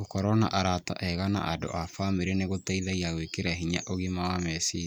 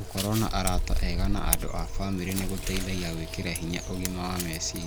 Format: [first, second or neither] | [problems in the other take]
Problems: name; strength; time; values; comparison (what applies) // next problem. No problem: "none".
first | background sound (Scissors); 1 dB above the speech